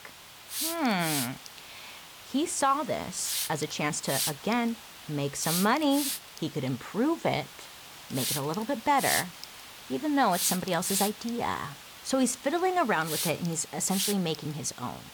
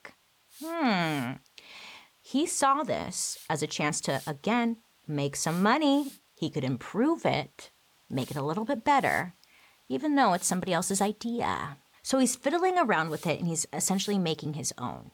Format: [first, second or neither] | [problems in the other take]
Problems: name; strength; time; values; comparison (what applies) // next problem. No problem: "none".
second | hiss; loud; throughout; 5 dB below the speech; faint in the second